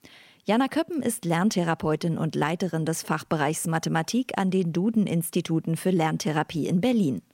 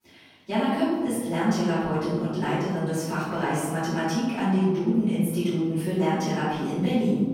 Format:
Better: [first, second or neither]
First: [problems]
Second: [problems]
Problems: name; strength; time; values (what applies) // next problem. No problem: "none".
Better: first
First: none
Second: off-mic speech; far // room echo; strong; dies away in 1.3 s